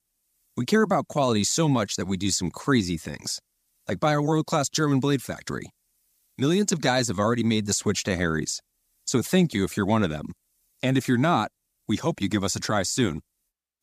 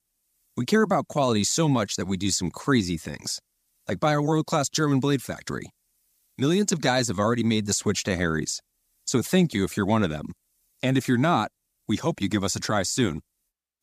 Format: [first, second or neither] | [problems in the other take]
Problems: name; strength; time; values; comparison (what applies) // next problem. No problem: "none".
neither | none